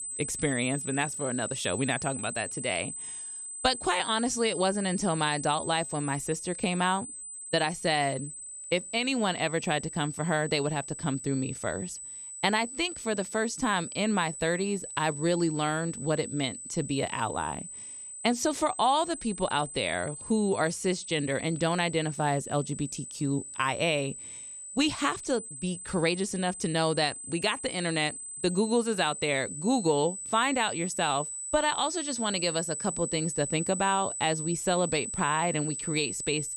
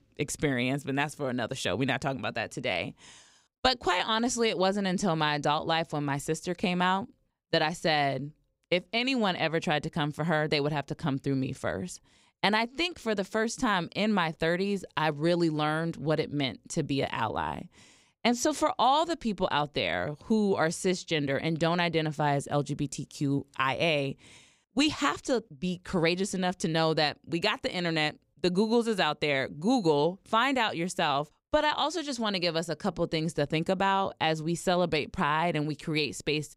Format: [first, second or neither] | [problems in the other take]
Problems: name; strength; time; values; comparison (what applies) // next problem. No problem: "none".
second | high-pitched whine; loud; throughout; 8 kHz, 7 dB below the speech